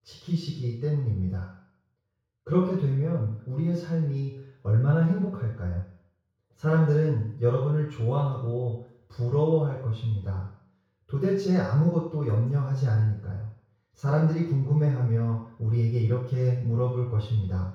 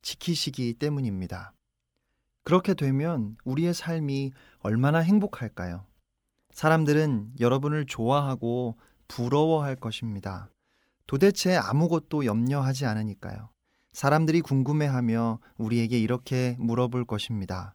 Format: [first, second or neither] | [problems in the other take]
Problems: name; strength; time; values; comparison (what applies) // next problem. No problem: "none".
second | room echo; noticeable; dies away in 0.6 s // off-mic speech; far